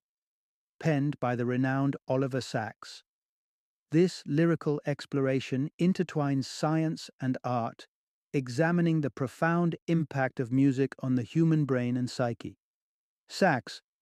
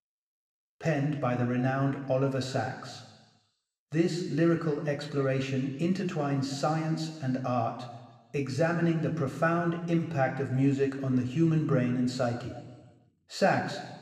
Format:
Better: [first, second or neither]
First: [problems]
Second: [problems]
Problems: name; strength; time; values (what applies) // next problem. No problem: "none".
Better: first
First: none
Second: room echo; slight; dies away in 1.2 s // off-mic speech; somewhat distant